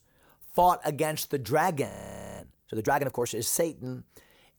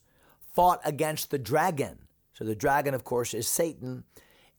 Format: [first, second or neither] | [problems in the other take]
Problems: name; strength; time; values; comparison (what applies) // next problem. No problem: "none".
second | audio freezing; at 2 s for 0.5 s